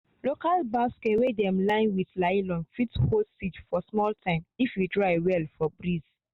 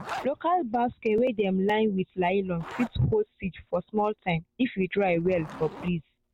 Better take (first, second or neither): first